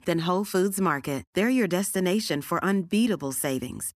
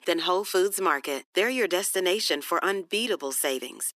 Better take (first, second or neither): first